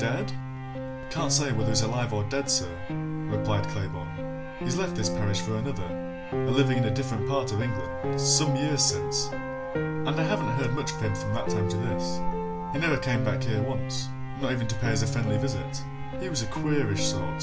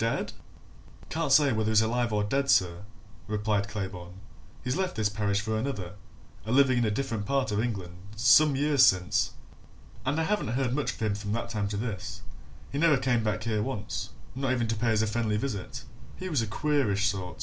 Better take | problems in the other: second | background sound (Piano); 2 dB below the speech

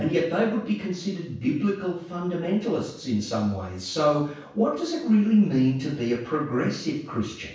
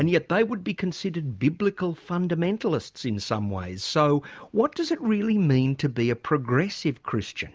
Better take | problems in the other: second | room echo; dies away in 0.7 s

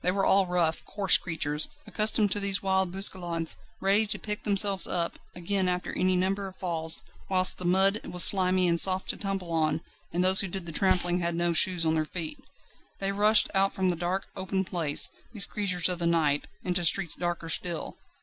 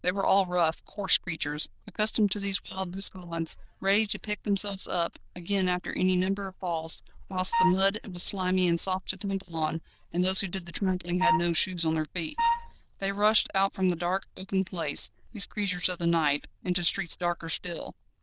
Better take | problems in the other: first | noise reduction (neural diffusion model UNIVERSE++)

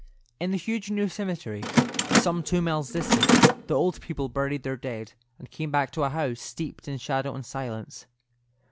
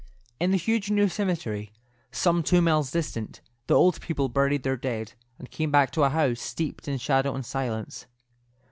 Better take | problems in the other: second | background sound (Mechanisms); 4 dB above the speech

